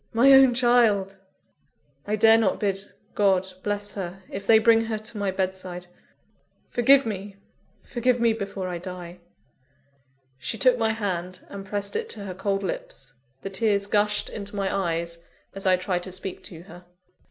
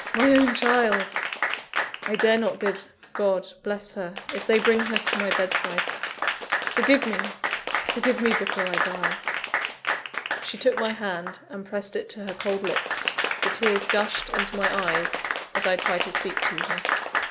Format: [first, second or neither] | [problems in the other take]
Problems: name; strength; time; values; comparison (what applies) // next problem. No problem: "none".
first | background sound (Applause / Crowd); 1 dB below the speech